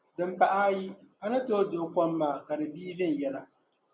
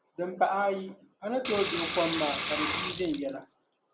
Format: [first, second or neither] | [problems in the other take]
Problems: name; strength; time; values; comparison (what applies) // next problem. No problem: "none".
first | background sound (Sink (filling or washing) / Water); 3 dB below the speech